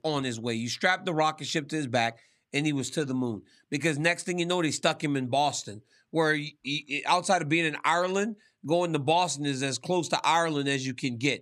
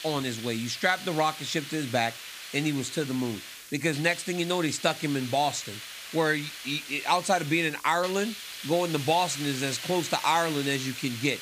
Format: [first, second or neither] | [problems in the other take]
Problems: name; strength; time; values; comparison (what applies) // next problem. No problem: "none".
first | hiss; loud; throughout; 10 dB below the speech